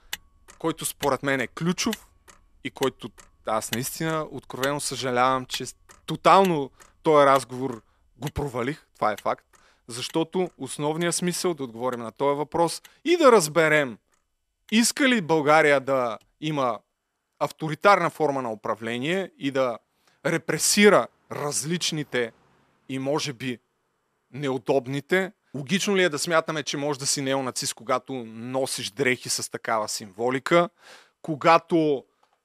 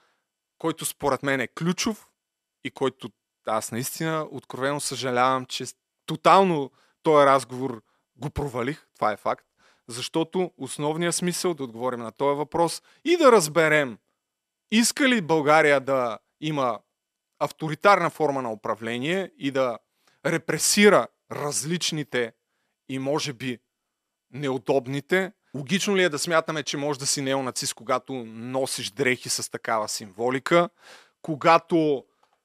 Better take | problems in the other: second | traffic noise; noticeable; throughout; 20 dB below the speech

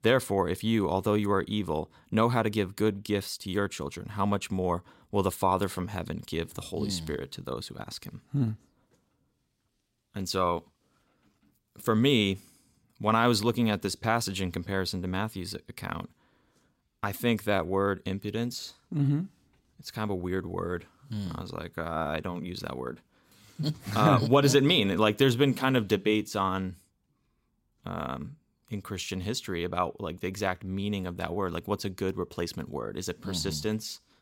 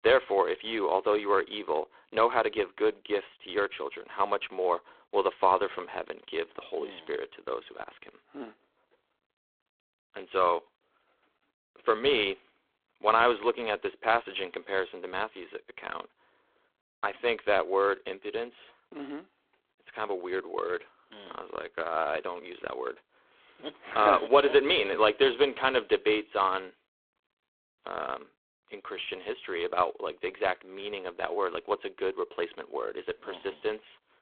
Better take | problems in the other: first | phone-call audio; poor line

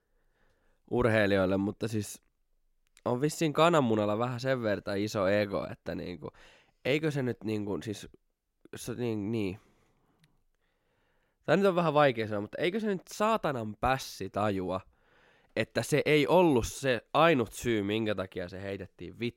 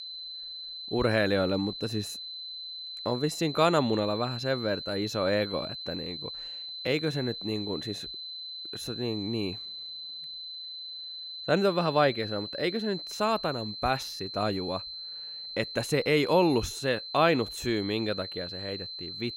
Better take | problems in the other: first | high-pitched whine; loud; throughout; 4 kHz, 8 dB below the speech

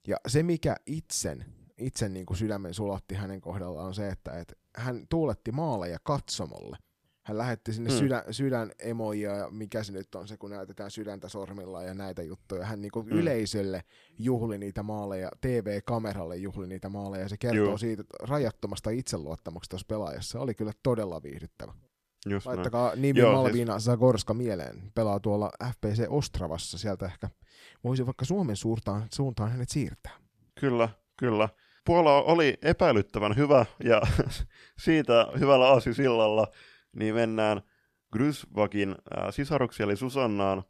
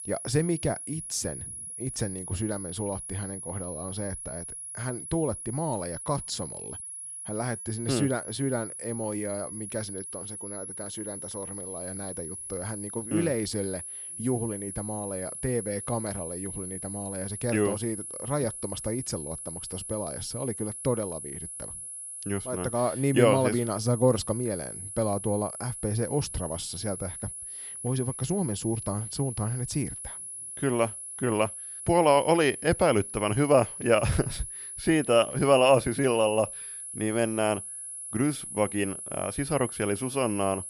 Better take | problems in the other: first | high-pitched whine; loud; throughout; 10.5 kHz, 7 dB below the speech

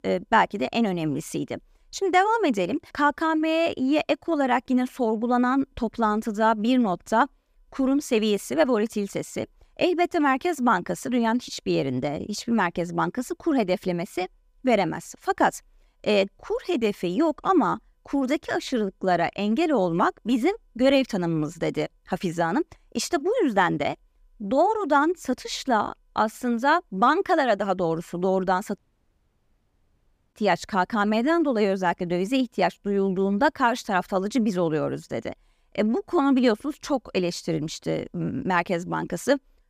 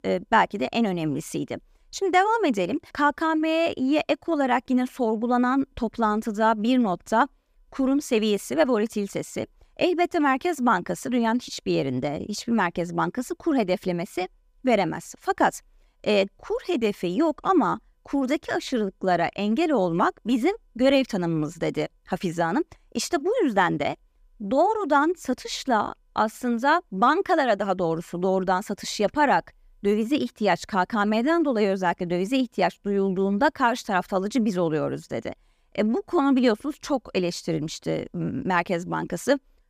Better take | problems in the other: second | audio cutting out; at 29 s for 1.5 s

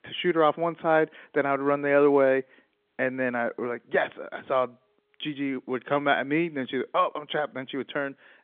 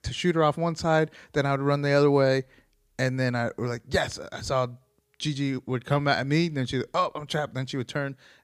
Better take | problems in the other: second | phone-call audio; nothing above 3.5 kHz

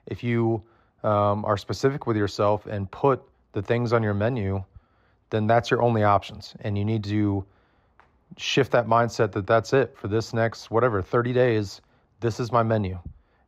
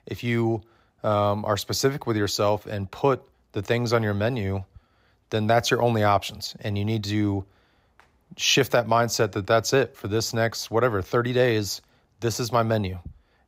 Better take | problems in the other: second | muffled; slightly; fading above 1.5 kHz

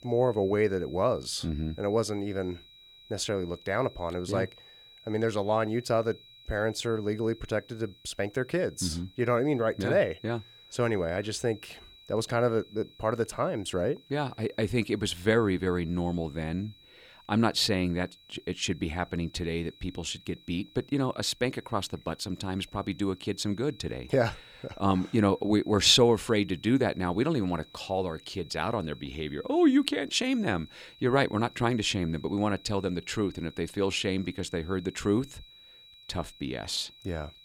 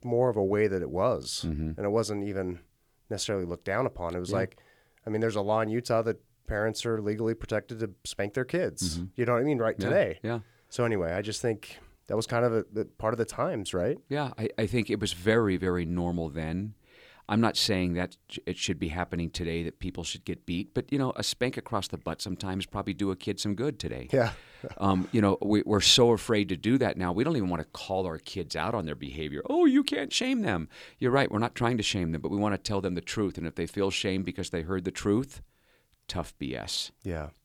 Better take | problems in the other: second | high-pitched whine; faint; throughout; 4 kHz, 25 dB below the speech

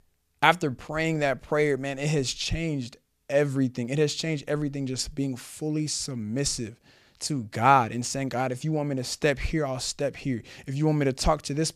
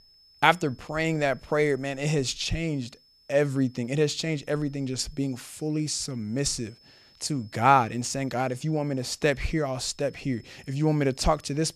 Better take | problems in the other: first | high-pitched whine; faint; throughout; 5 kHz, 30 dB below the speech

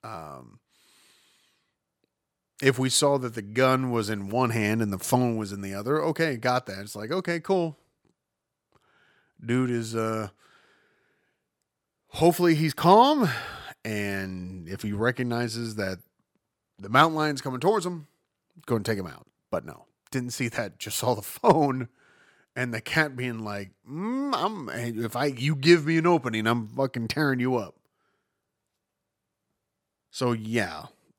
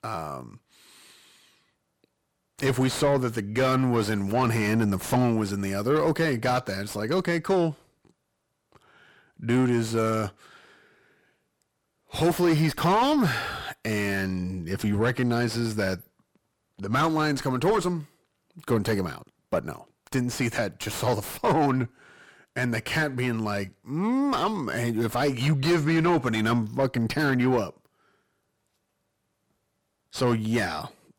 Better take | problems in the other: first | distortion; heavy; 5 dB below the speech

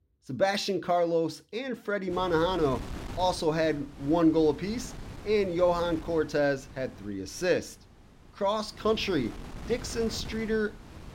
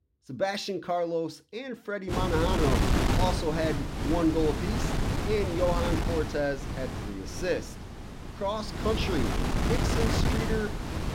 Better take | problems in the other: first | wind noise on the microphone; heavy; from 2 s on; 2 dB below the speech; occasional gusts in the first

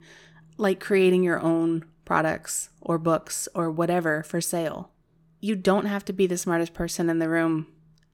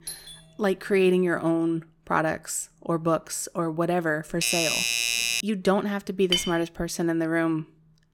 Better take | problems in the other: first | doorbell; faint; at the start; peak 10 dB below the speech // doorbell; loud; from 4.5 to 5.5 s; peak 3 dB above the speech // clattering dishes; loud; at 6.5 s; peak level with the speech

